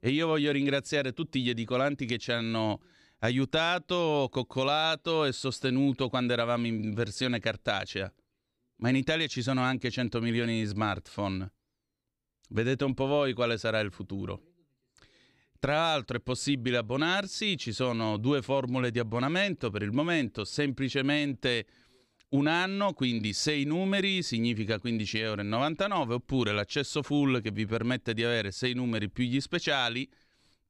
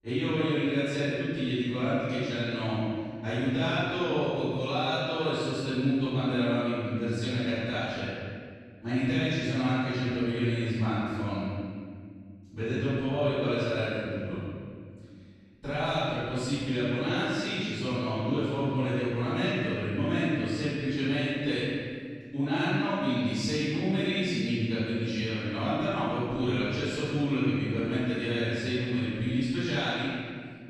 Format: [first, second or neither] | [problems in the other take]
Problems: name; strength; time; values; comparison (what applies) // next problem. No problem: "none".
first | off-mic speech; far // room echo; strong; dies away in 2 s